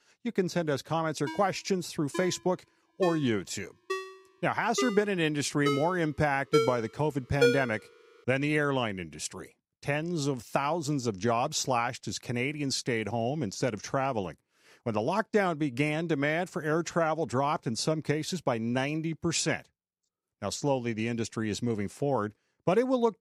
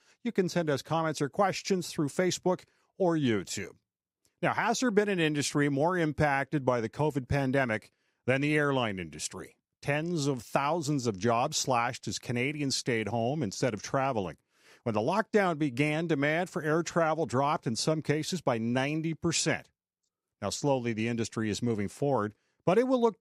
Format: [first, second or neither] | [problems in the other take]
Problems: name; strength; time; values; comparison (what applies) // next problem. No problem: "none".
second | phone ringing; loud; from 1.5 to 7.5 s; peak 3 dB above the speech